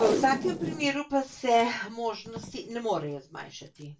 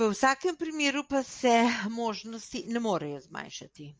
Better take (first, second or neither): second